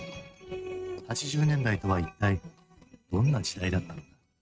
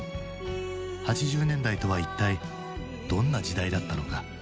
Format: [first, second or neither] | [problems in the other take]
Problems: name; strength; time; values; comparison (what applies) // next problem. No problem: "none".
second | noise reduction (neural mask model RNNoise)